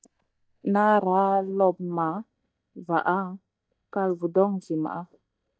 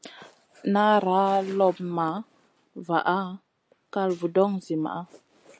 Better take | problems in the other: second | noise reduction (neural mask model DeepFilterNet 3)

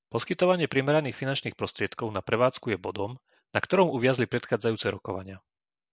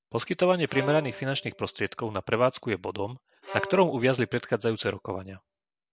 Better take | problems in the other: first | background sound (Bowed string instrument); 15 dB below the speech

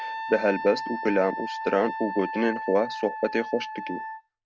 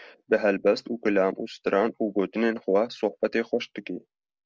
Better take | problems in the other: second | background sound (Wind instrument, woodwind instrument); 7 dB below the speech

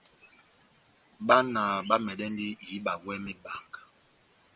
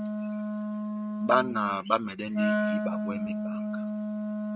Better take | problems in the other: first | noise reduction (neural mask model RNNoise)

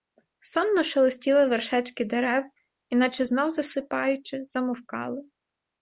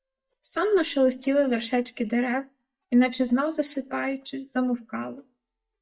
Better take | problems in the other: first | noise reduction (neural mask model DeepFilterNet 3)

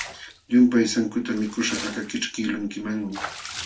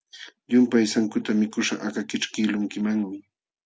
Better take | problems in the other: second | background sound (Bathtub (filling or washing) / Water / Liquid); 14 dB below the speech // room echo; dies away in 0.2 s

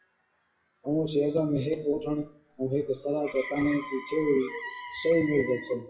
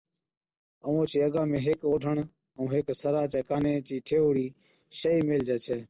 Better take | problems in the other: second | noise reduction (classical method WPE with log-MMSE)

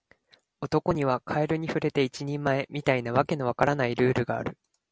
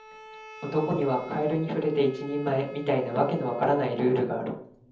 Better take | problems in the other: first | background sound (Bowed string instrument); 20 dB below the speech // room echo; dies away in 0.7 s

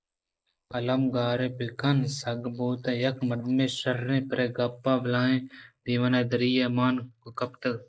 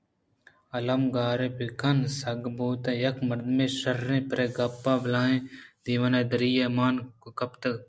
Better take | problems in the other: second | noise reduction (neural mask model Resemble Enhance denoiser)

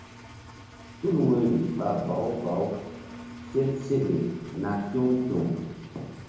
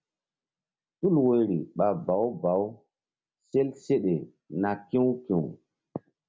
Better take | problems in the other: second | background sound (Engine); 16 dB below the speech // room echo; dies away in 0.9 s

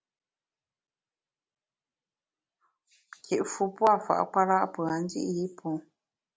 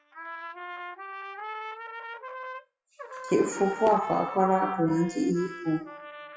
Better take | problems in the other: first | noise reduction (classical method WPE with log-MMSE)

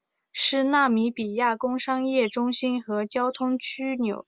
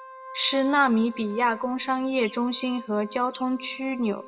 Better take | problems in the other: first | background sound (Wind instrument, woodwind instrument); 18 dB below the speech // room echo; dies away in 1.3 s

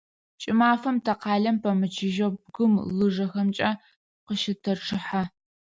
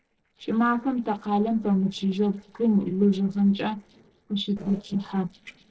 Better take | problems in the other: first | noise reduction (neural separator model SepFormer DNS4)

